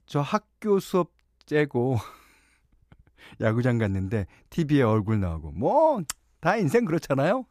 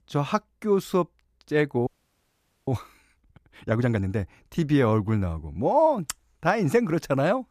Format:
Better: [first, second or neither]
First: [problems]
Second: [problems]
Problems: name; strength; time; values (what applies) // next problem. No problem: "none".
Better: first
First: none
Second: audio freezing; at 2 s for 1 s